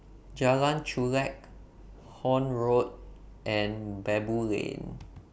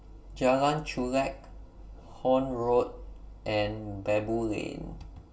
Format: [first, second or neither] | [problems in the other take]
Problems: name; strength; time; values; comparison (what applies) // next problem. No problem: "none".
first | room echo; dies away in 0.2 s